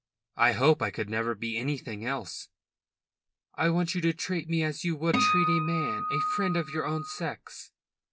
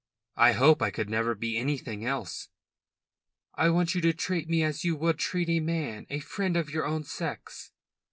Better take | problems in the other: second | background sound (Acoustic guitar); 1 dB above the speech

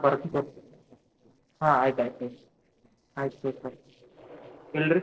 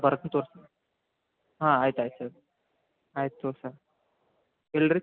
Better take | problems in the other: second | noise reduction (neural separator model SepFormer DNS4)

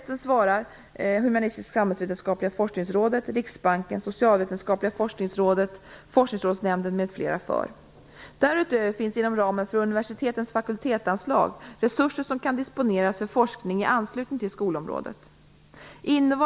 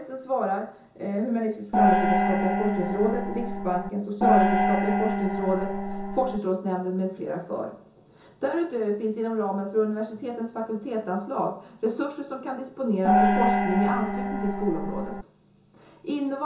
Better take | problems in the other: first | background sound (Gong); 4 dB above the speech // room echo; dies away in 0.6 s

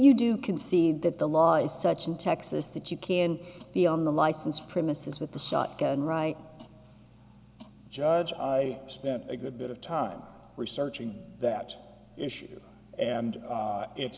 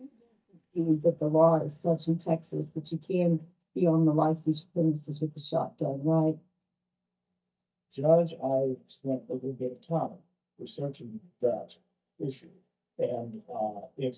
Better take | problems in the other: first | noise reduction (neural mask model DeepFilterNet 3)

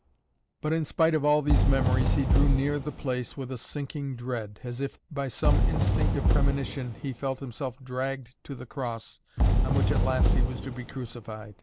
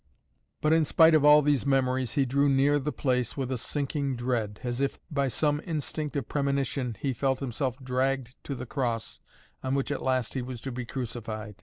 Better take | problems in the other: second | background sound (Fireworks); 3 dB above the speech

